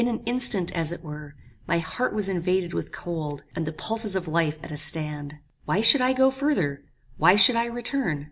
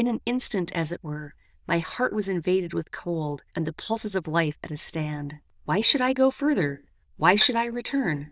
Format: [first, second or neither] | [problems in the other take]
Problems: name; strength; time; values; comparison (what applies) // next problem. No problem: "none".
first | noise reduction (neural diffusion model UNIVERSE++)